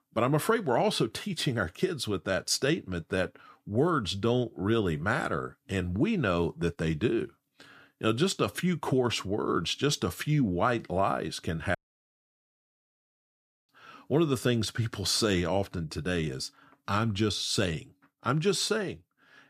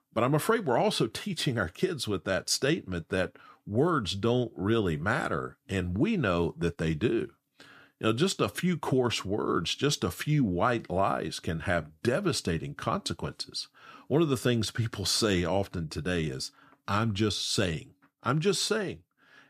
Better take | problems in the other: second | audio cutting out; at 12 s for 2 s

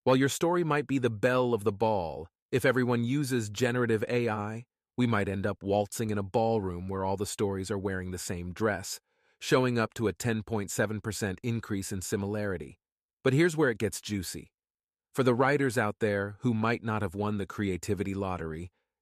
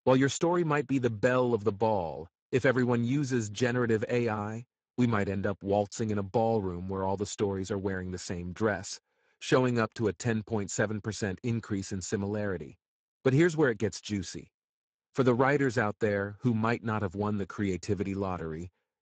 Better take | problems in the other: first | garbled, watery; badly; nothing above 7.5 kHz

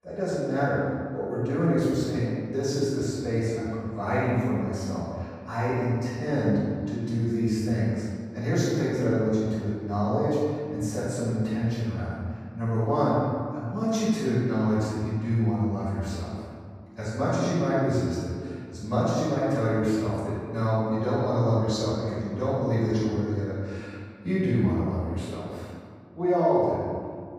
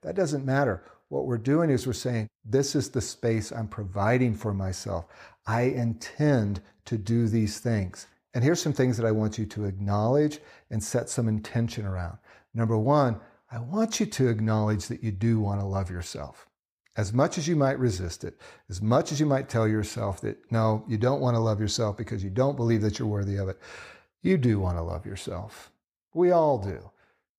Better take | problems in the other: second | off-mic speech; far // room echo; strong; dies away in 1.9 s

